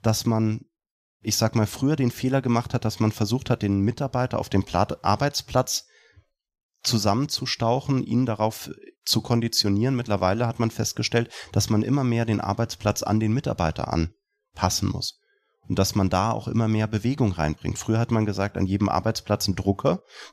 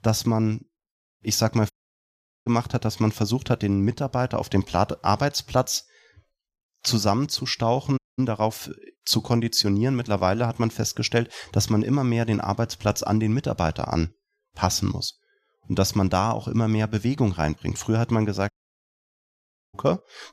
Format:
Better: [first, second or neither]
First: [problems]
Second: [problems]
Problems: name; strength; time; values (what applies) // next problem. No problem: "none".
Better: first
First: none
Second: audio cutting out; at 1.5 s for 1 s, at 8 s and at 19 s for 1 s